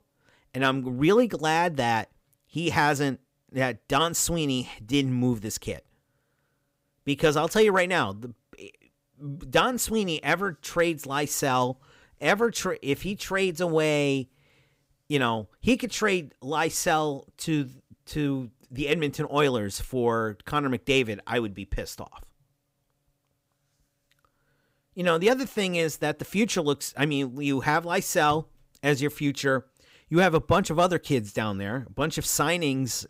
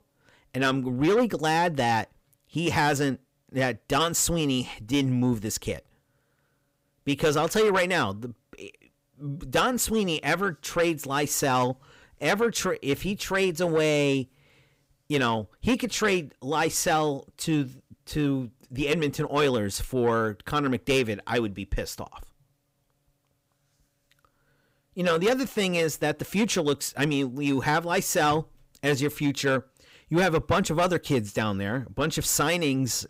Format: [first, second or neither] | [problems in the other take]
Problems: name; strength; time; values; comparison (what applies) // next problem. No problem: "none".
first | distortion; slight; 10 dB below the speech